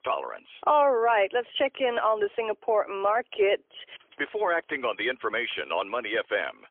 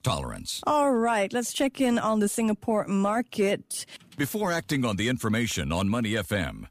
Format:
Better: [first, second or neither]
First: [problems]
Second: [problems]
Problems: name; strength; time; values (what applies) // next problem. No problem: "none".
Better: second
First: phone-call audio; poor line; nothing above 3.5 kHz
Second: none